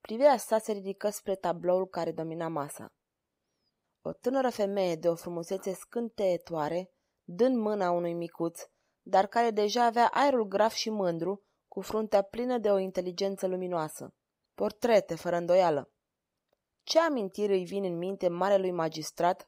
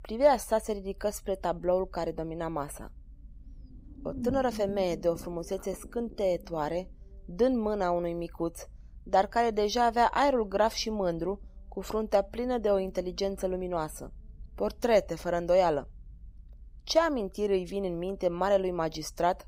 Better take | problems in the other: first | low rumble; faint; throughout; 25 dB below the speech

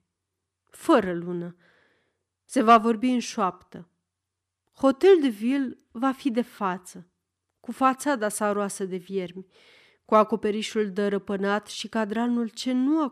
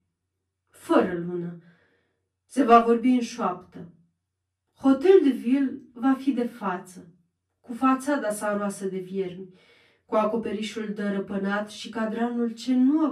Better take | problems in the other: first | off-mic speech; far // room echo; very slight; dies away in 0.2 s

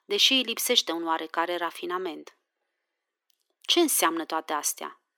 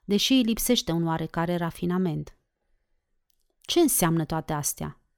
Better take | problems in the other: second | thin; very; fading below 300 Hz

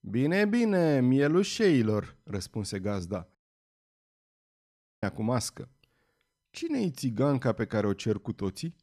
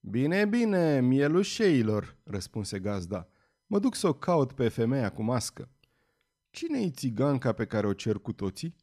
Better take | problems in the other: second | audio cutting out; at 3.5 s for 1.5 s

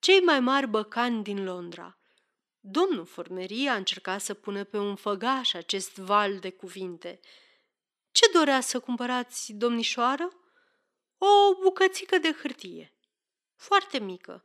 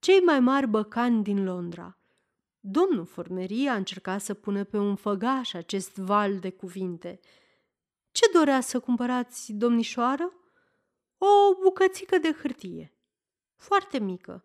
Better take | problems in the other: second | thin; very slightly; fading below 300 Hz

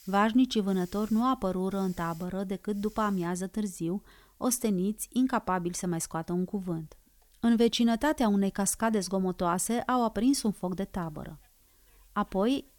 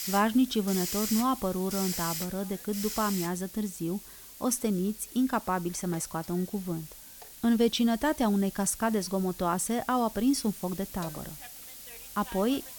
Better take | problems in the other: first | hiss; loud; throughout; 10 dB below the speech; faint in the first

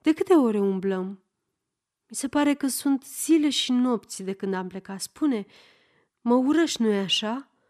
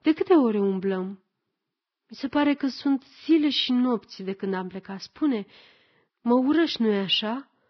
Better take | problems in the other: first | garbled, watery; badly; nothing above 5.5 kHz

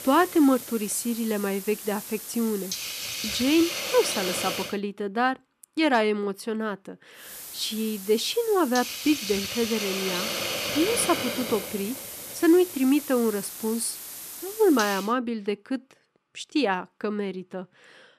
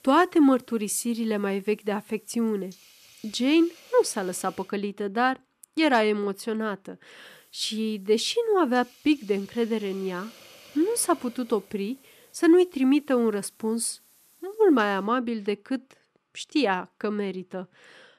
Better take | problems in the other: second | hiss; loud; until 4.5 s and from 7.5 to 15 s; 6 dB below the speech; faint in the second

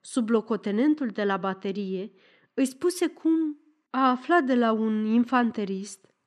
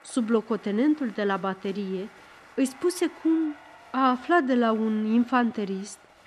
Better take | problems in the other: first | crowd noise; faint; throughout; 25 dB below the speech

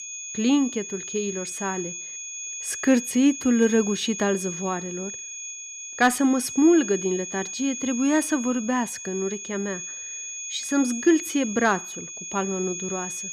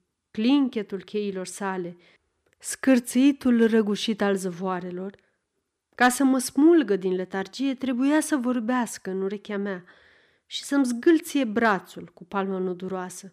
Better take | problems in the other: second | high-pitched whine; loud; throughout; 6.5 kHz, 8 dB below the speech

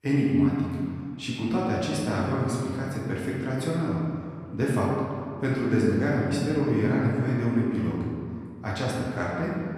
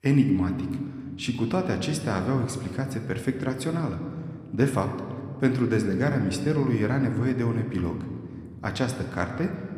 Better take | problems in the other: second | room echo; strong; dies away in 2 s; slight in the second // off-mic speech; far

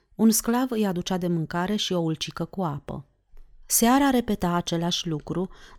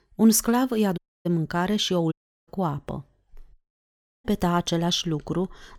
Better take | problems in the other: first | audio cutting out; at 1 s, at 2 s and at 3.5 s for 0.5 s

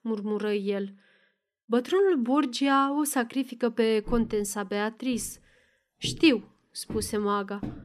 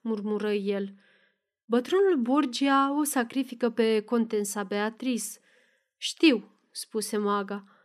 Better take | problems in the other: second | footsteps; faint; from 4 s on; peak 15 dB below the speech

